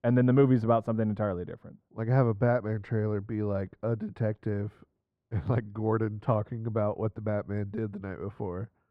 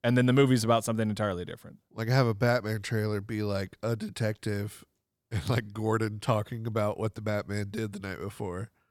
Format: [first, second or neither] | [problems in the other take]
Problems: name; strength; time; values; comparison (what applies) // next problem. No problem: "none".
second | muffled; very; fading above 3 kHz